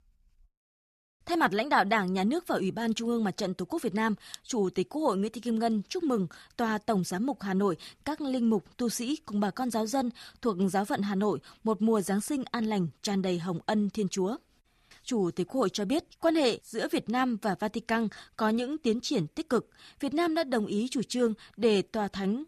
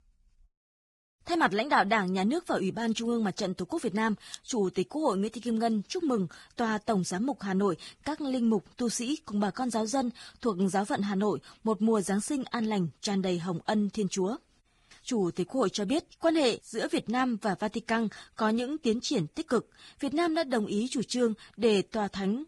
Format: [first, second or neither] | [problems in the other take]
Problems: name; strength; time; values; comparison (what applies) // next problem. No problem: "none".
first | garbled, watery; badly; nothing above 10.5 kHz